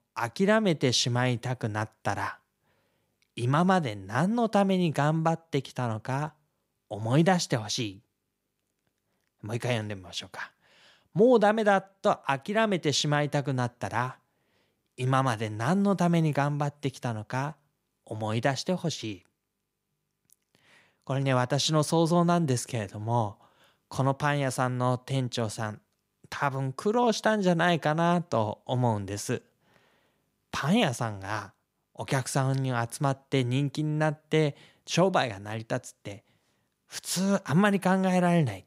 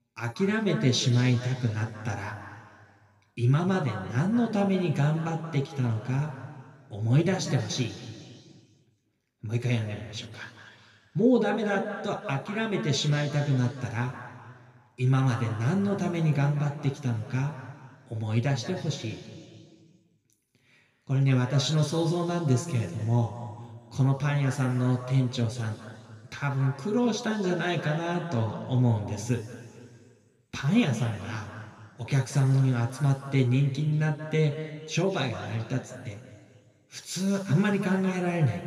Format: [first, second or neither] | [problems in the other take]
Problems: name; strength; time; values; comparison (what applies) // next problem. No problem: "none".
first | room echo; noticeable; dies away in 2.1 s // off-mic speech; somewhat distant